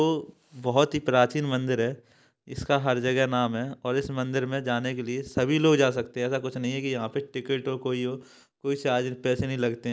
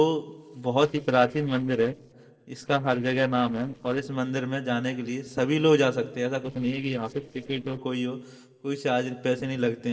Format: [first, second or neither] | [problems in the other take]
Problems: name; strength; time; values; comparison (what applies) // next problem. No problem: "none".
first | noise reduction (neural separator model SepFormer DNS4)